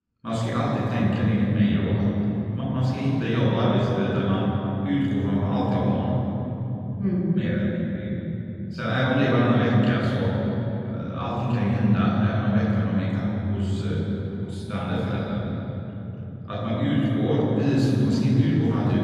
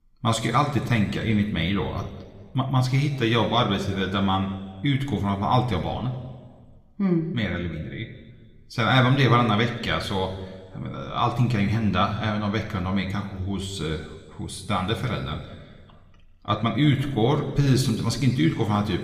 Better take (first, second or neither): second